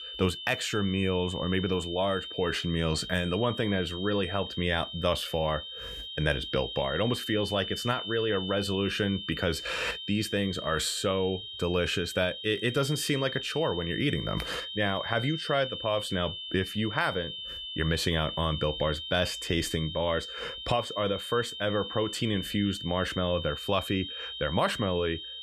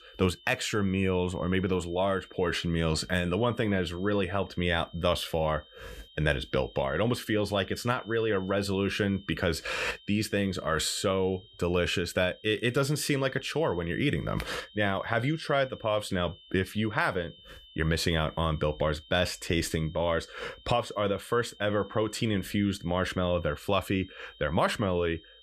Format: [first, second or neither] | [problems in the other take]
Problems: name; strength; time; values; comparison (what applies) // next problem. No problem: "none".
second | high-pitched whine; loud; throughout; 3 kHz, 7 dB below the speech; faint in the second